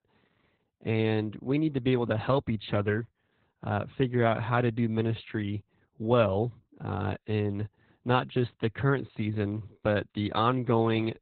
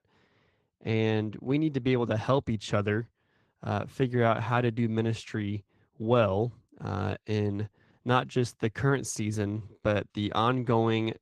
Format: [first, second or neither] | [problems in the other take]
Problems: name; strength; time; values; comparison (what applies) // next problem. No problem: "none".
second | garbled, watery; badly; nothing above 4 kHz; slightly in the second